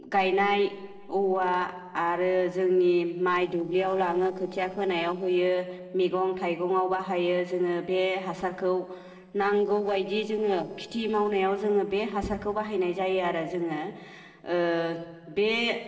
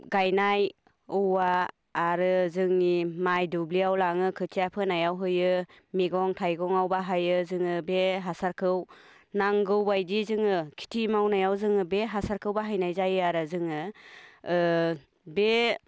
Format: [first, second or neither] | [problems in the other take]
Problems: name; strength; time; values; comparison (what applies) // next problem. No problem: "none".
second | noise reduction (neural separator model SepFormer DNS4)